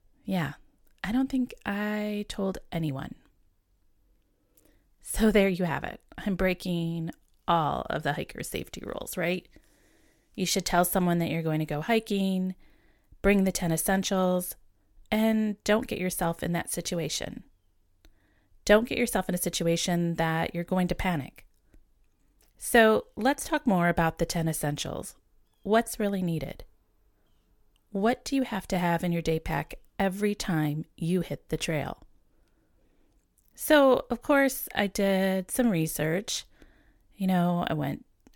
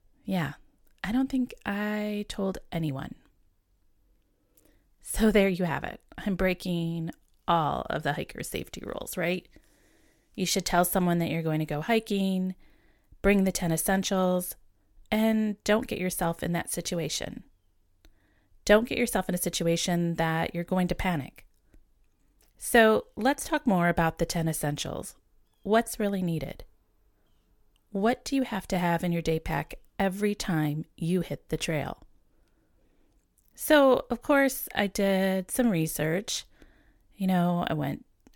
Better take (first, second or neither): neither